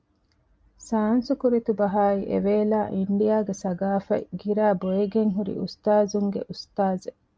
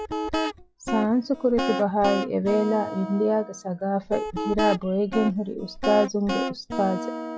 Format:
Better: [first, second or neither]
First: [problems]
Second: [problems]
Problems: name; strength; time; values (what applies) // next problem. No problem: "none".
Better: first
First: none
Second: noise reduction (classical method log-MMSE)